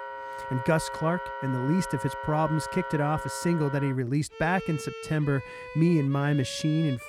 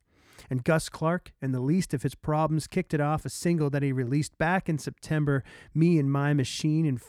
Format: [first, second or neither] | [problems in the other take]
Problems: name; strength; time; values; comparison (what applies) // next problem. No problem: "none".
second | background music; loud; throughout; 10 dB below the speech